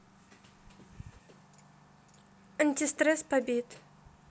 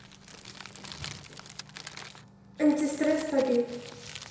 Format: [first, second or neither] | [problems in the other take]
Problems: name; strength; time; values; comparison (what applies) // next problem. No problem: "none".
first | background sound (Crumpling, crinkling); 14 dB below the speech // room echo; dies away in 1 s